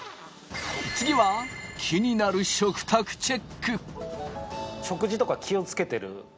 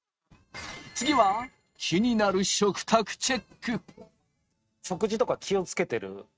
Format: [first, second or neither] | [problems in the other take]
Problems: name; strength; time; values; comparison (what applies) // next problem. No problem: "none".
first | noise reduction (neural mask model RNNoise)